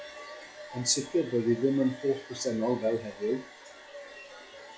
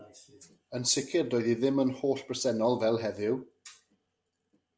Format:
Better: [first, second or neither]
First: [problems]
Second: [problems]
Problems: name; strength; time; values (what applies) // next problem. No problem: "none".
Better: second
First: noise reduction (classical method log-MMSE)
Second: none